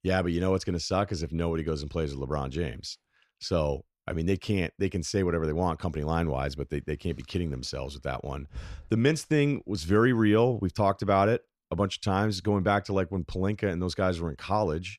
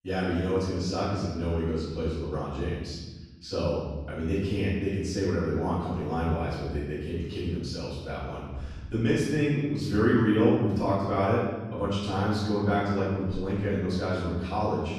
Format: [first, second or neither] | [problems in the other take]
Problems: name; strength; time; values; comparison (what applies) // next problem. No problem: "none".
first | off-mic speech; far // room echo; strong; dies away in 1.2 s